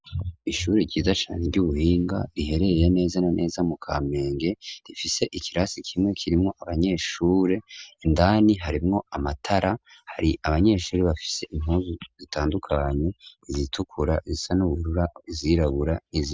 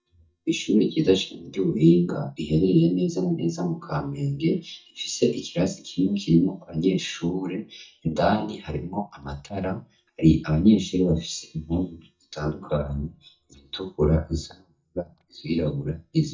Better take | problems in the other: first | noise reduction (neural mask model DeepFilterNet 3)

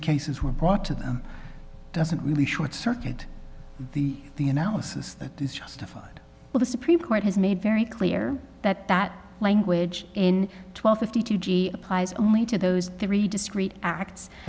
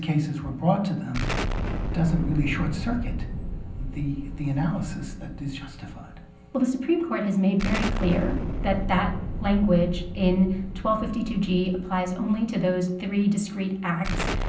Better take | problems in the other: first | background sound (Explosion); 5 dB below the speech // room echo; dies away in 0.6 s

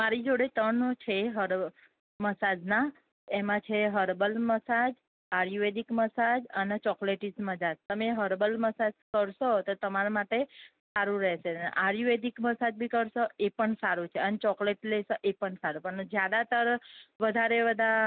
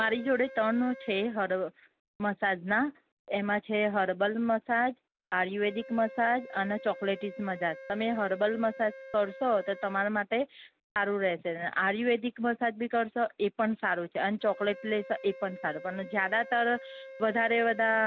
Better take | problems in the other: first | background sound (Wind instrument, woodwind instrument); 19 dB below the speech

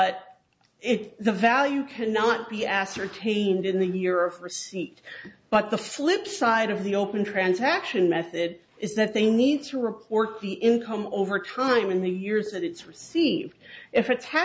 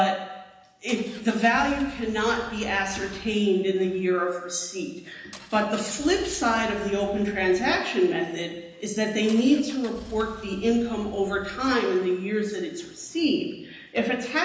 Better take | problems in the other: first | background sound (Engine); 19 dB below the speech // room echo; dies away in 1 s

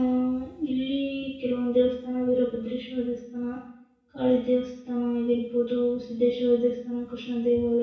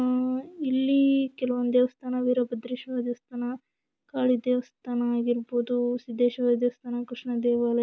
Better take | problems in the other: second | room echo; dies away in 0.6 s

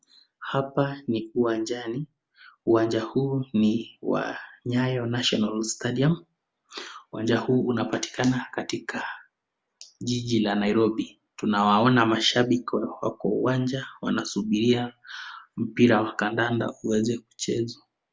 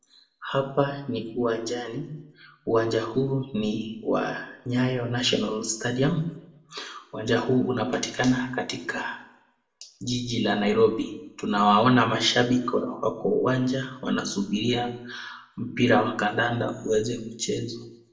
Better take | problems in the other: first | room echo; dies away in 0.6 s

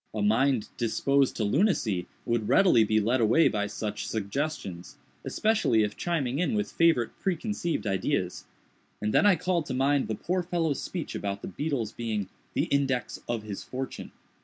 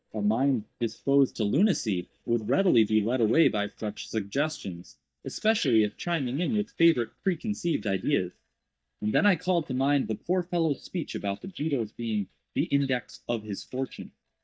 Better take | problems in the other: first | noise reduction (neural mask model DeepFilterNet 3)

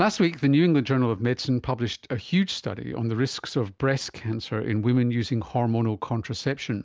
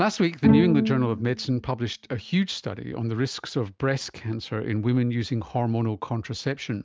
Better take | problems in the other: first | noise reduction (neural mask model RNNoise)

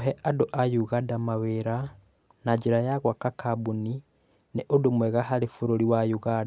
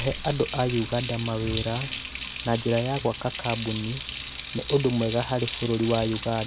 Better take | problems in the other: first | background sound (Water tap, faucet); 8 dB below the speech

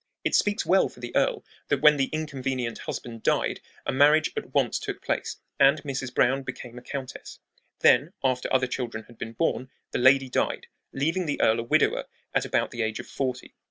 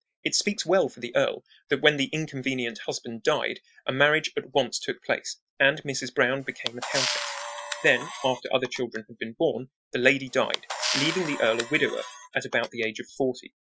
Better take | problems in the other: first | noise reduction (classical method Wiener filter)

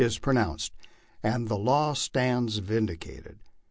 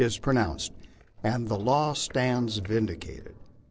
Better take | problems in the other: first | noise reduction (neural separator model SepFormer DNS4)

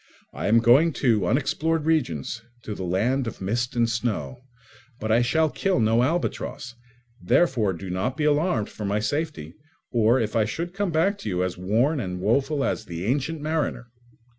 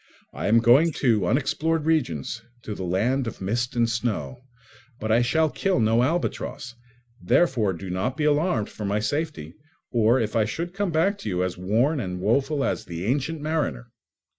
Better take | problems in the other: first | noise reduction (neural mask model Resemble Enhance denoiser)

